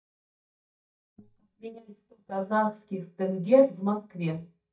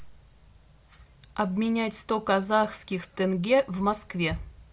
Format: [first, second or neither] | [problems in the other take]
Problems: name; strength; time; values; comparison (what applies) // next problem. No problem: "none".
second | noise reduction (neural mask model DeepFilterNet 3)